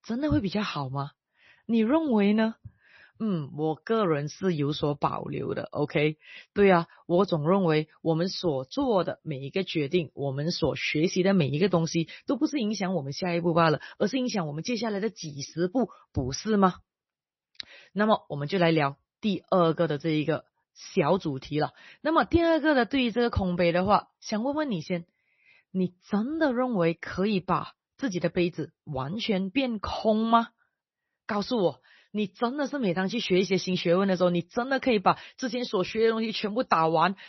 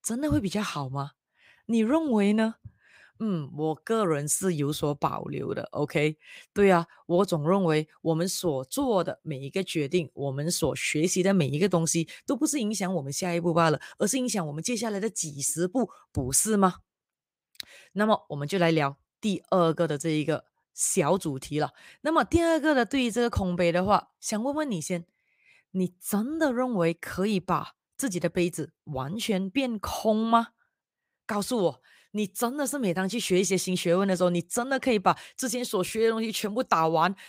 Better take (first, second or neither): second